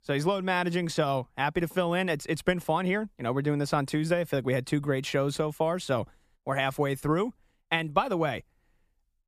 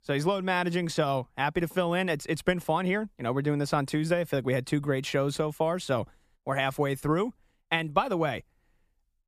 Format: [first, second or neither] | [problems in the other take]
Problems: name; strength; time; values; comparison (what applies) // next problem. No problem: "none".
neither | none